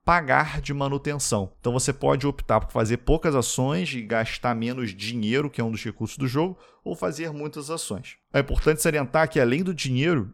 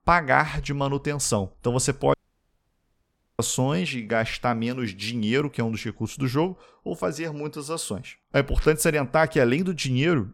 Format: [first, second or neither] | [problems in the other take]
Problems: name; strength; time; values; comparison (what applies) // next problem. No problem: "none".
first | audio cutting out; at 2 s for 1.5 s